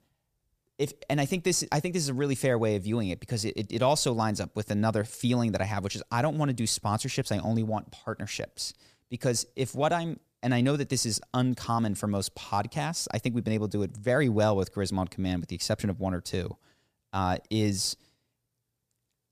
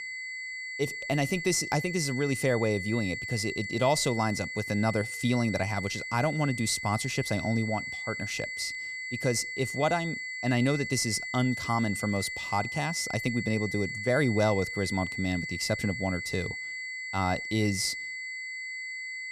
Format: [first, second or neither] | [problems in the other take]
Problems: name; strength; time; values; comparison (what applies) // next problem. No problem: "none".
first | high-pitched whine; loud; throughout; 2 kHz, 5 dB below the speech